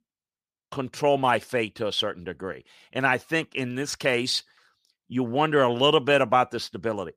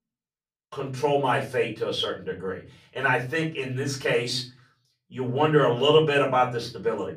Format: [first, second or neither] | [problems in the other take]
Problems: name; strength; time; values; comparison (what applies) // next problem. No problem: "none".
first | off-mic speech; far // room echo; slight; dies away in 0.4 s